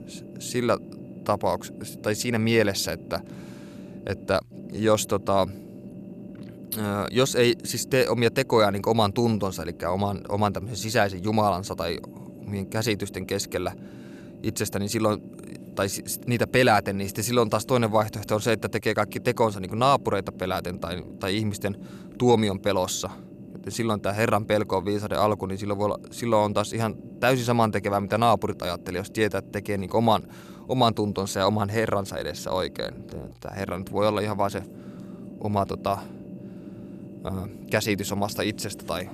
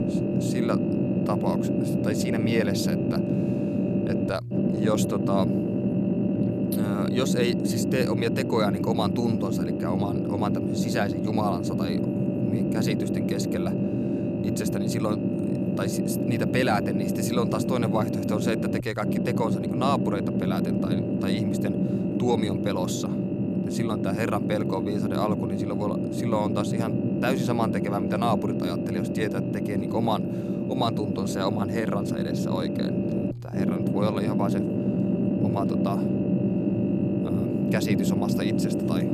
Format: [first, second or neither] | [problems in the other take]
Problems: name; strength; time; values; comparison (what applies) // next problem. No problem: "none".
first | low rumble; loud; throughout; as loud as the speech; faint in the first